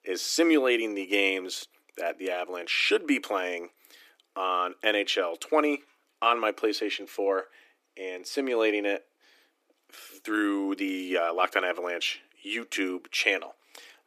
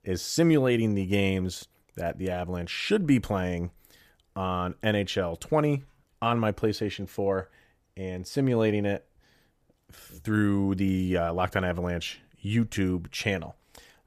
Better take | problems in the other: second | thin; somewhat; fading below 300 Hz

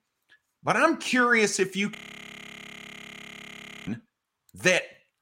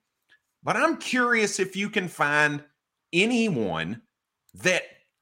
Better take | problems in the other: second | audio freezing; at 2 s for 2 s

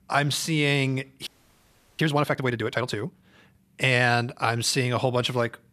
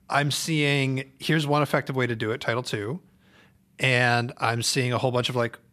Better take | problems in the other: second | audio freezing; at 1.5 s for 0.5 s

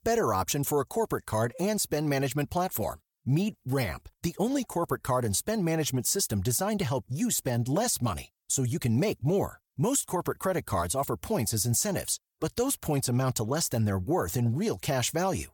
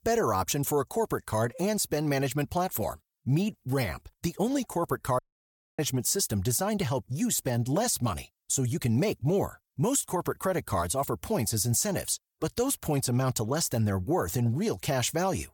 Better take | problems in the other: first | audio cutting out; at 5 s for 0.5 s

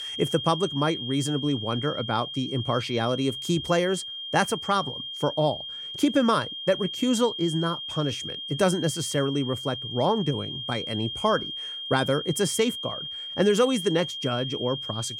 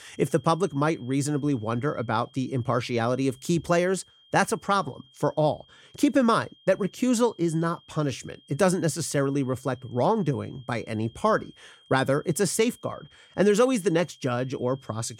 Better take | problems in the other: second | high-pitched whine; loud; throughout; 3 kHz, 6 dB below the speech; faint in the second

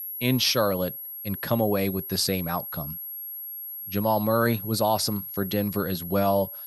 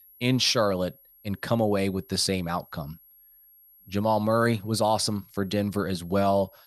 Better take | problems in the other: second | high-pitched whine; loud; throughout; 11.5 kHz, 8 dB below the speech; faint in the second

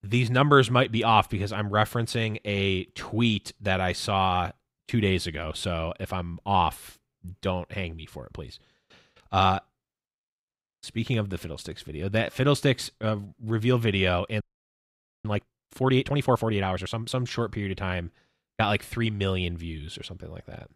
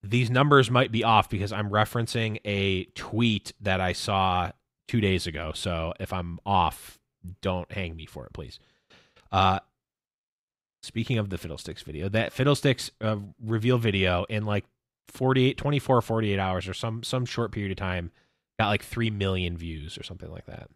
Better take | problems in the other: second | audio freezing; at 14 s for 1 s

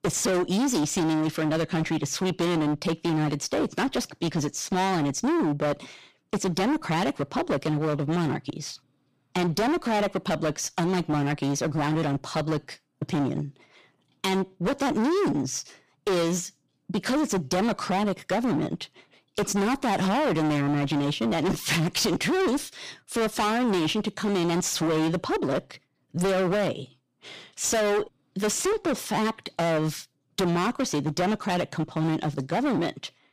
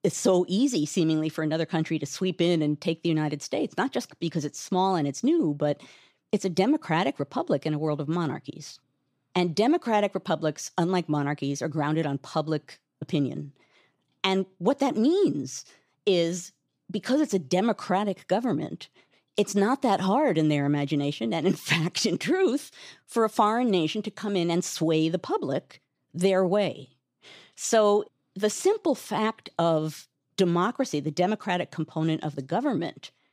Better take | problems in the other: second | distortion; heavy; 27% of the sound clipped

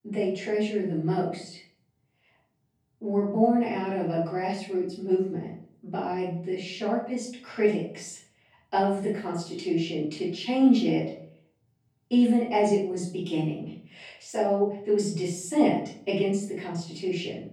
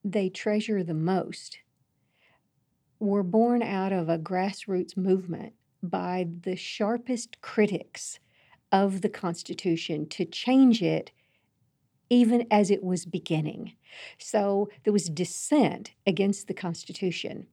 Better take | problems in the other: second | off-mic speech; far // room echo; noticeable; dies away in 0.5 s

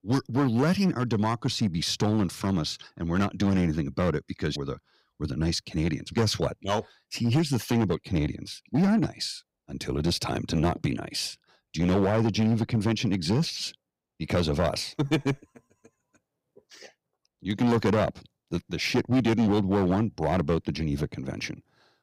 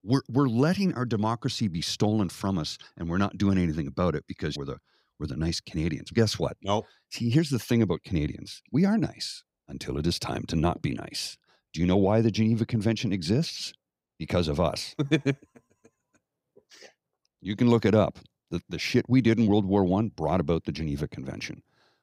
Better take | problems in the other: second | distortion; slight; 6% of the sound clipped

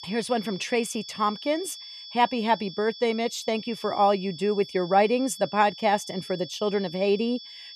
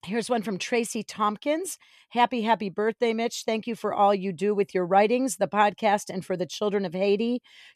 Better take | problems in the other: second | high-pitched whine; noticeable; throughout; 3.5 kHz, 15 dB below the speech

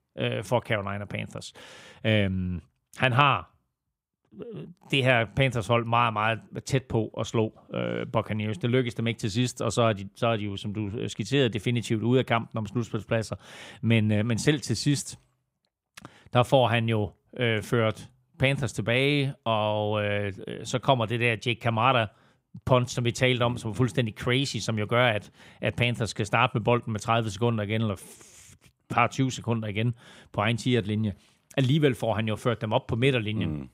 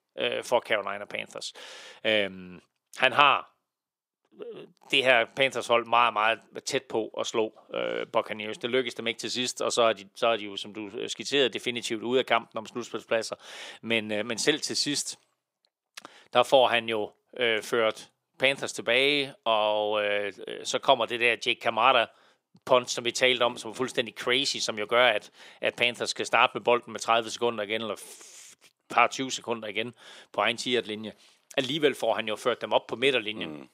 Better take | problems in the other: first | thin; somewhat; fading below 450 Hz

